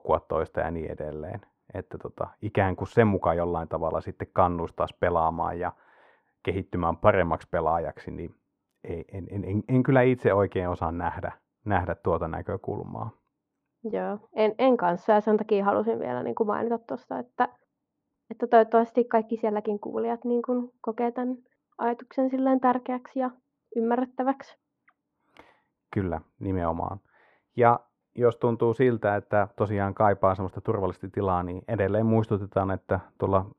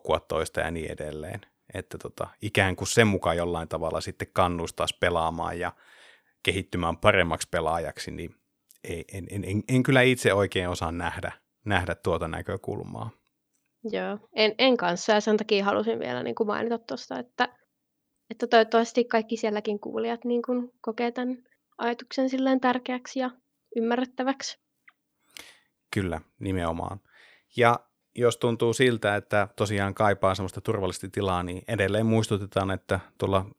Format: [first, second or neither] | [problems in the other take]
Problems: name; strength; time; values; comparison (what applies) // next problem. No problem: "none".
second | muffled; very; fading above 3 kHz